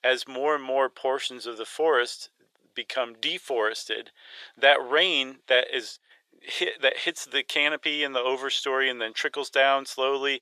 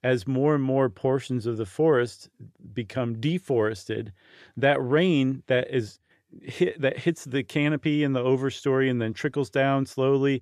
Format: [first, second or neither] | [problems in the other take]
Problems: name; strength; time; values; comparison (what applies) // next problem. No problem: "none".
second | thin; very; fading below 600 Hz